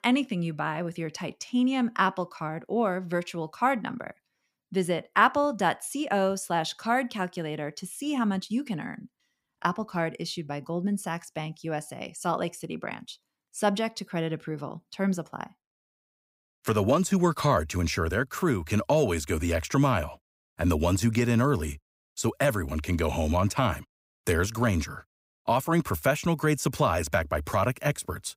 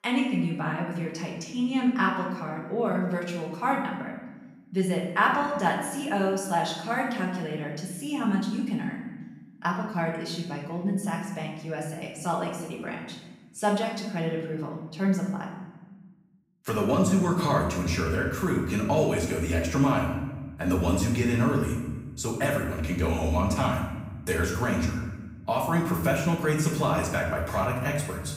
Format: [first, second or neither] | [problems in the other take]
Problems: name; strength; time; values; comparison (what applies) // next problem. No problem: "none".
first | room echo; noticeable; dies away in 1.1 s // off-mic speech; far